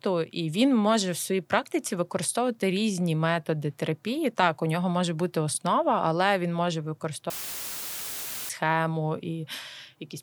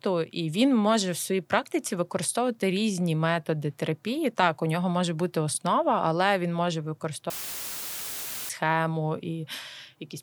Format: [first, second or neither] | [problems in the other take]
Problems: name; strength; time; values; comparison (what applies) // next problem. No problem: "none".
neither | audio cutting out; filled with static; at 7.5 s for 1 s; the same in both